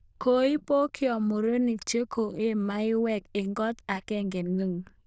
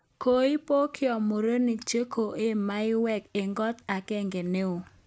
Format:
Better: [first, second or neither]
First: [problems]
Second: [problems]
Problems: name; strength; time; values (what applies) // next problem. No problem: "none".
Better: second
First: noise reduction (neural diffusion model UNIVERSE++)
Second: none